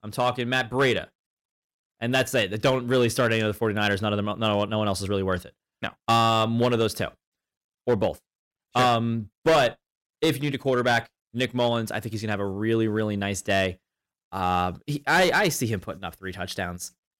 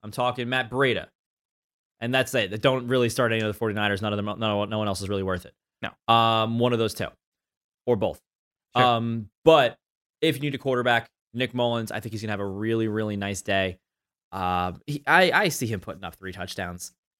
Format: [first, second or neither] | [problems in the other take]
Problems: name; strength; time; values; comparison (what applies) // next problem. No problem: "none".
second | distortion; slight; 4% of the sound clipped